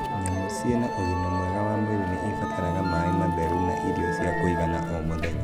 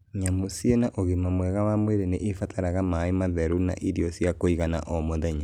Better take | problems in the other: second | background sound (Musical instrument); as loud as the speech

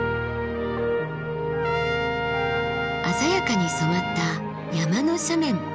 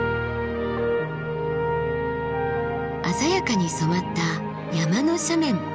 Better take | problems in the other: second | background sound (Trumpet); 6 dB below the speech

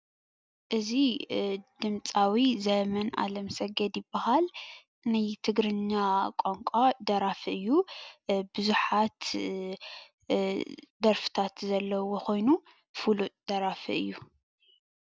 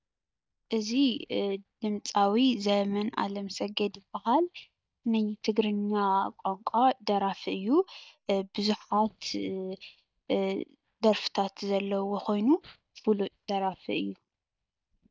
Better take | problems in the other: first | noise reduction (neural mask model DeepFilterNet 3)

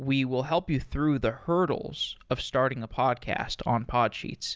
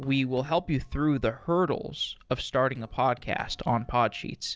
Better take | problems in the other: first | noise reduction (neural separator model SepFormer DNS4)

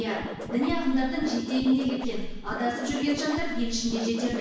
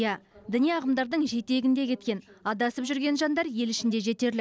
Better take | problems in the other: second | background sound (Scratching (performance technique)); 6 dB below the speech // room echo; dies away in 1.1 s

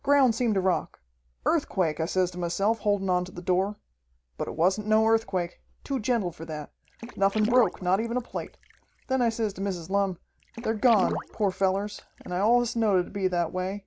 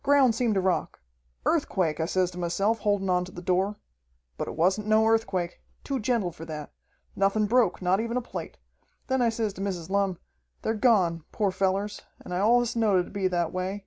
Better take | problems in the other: second | background sound (Water / Splash, splatter); 12 dB below the speech

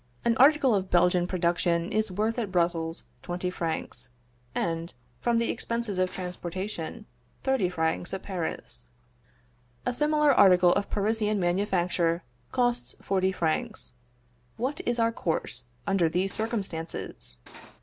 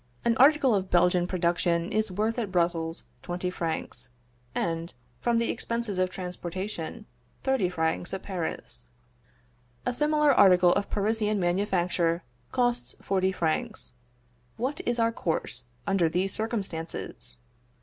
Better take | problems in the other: second | background sound (Cutlery, silverware); 18 dB below the speech

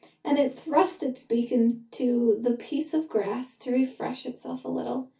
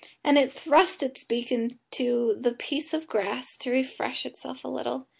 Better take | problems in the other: second | room echo; dies away in 0.3 s

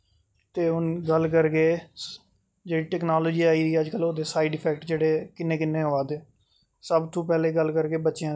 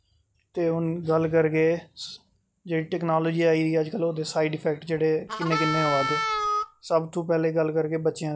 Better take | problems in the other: first | background sound (Harmonica); 2 dB below the speech

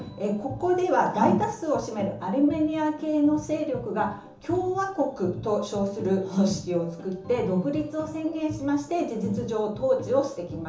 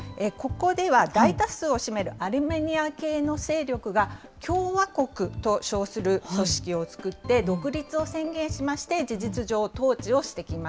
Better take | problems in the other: second | room echo; dies away in 1.2 s

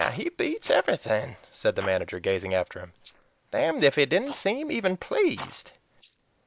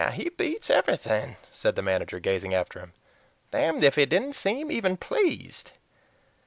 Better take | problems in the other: second | noise reduction (neural mask model Resemble Enhance denoiser)

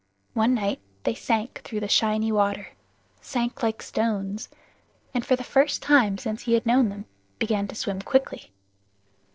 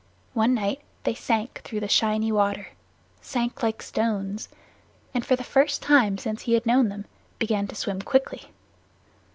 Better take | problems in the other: second | noise reduction (neural separator model SepFormer DNS4)

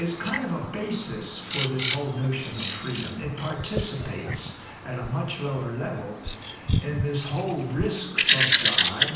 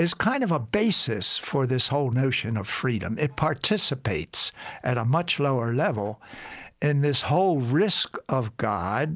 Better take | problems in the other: second | background sound (Bird vocalization, bird call, bird song); 1 dB above the speech // room echo; dies away in 0.9 s

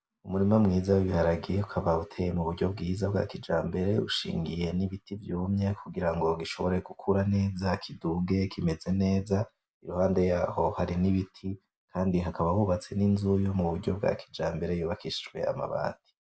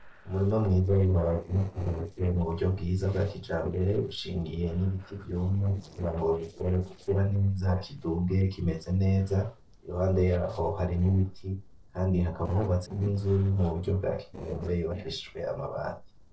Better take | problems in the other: first | noise reduction (neural separator model SepFormer DNS4)

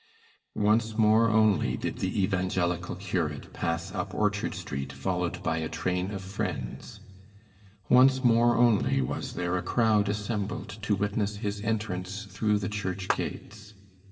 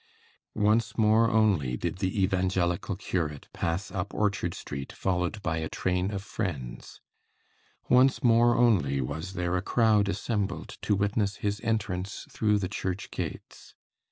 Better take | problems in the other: second | background sound (Clapping); 5 dB below the speech // room echo; dies away in 2.3 s

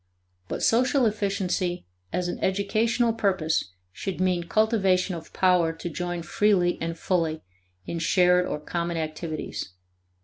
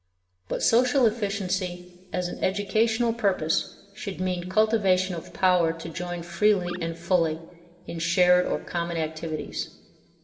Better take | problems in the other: first | background sound (Animal); 19 dB below the speech // room echo; dies away in 2.1 s

